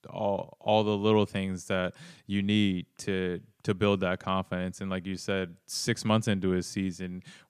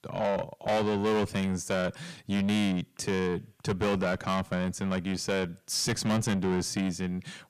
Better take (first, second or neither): first